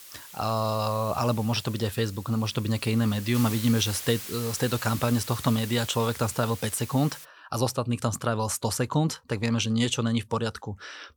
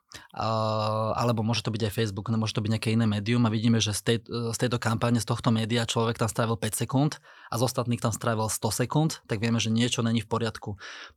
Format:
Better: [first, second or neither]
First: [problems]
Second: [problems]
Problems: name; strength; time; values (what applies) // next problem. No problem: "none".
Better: second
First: hiss; noticeable; until 7.5 s; 10 dB below the speech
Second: none